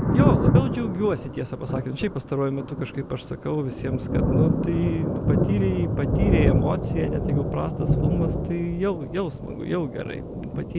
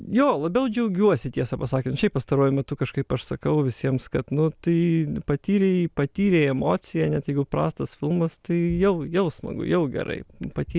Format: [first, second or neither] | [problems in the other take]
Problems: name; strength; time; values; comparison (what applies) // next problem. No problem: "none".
second | background sound (Thunder); 3 dB above the speech